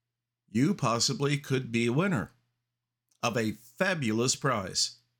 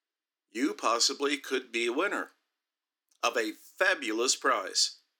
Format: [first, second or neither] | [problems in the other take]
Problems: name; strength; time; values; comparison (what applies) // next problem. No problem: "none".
first | thin; somewhat; fading below 300 Hz